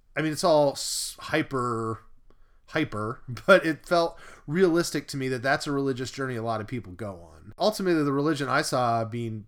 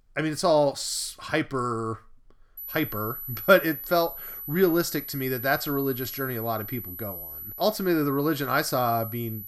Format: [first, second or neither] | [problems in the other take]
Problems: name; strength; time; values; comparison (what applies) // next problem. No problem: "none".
first | high-pitched whine; loud; from 2.5 s on; 12 kHz, 9 dB below the speech